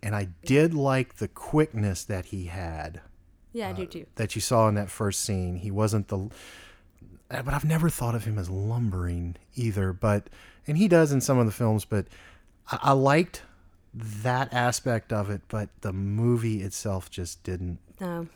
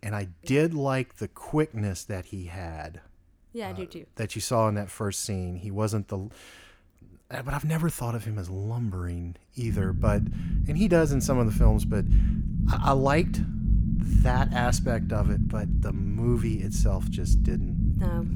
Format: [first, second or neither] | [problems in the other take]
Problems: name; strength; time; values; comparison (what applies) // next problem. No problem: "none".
first | low rumble; loud; from 9.5 s on; 8 dB below the speech